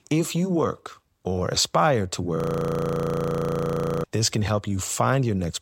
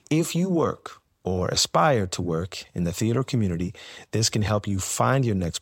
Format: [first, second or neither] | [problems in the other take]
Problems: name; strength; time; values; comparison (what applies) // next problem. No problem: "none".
second | audio freezing; at 2.5 s for 1.5 s